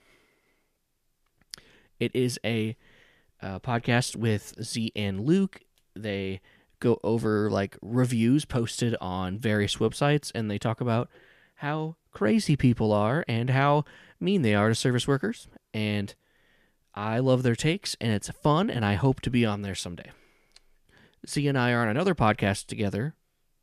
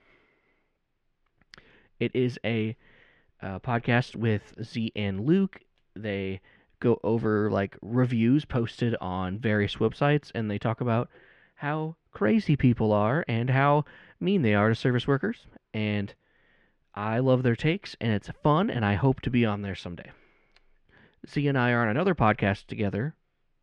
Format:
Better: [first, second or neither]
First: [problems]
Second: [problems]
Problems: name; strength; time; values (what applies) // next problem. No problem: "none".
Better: first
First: none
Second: muffled; slightly; fading above 2.5 kHz